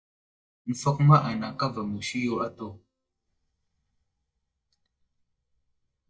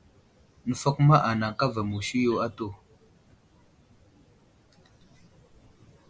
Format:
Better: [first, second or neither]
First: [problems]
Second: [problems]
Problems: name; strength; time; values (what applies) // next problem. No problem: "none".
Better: second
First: noise reduction (neural mask model DeepFilterNet 3)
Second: none